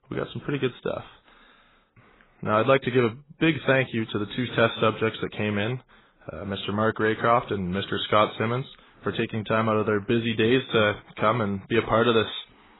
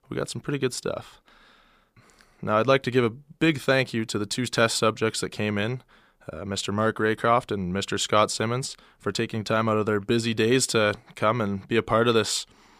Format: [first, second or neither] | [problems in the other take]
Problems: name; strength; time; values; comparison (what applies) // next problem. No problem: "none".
second | garbled, watery; badly; nothing above 4 kHz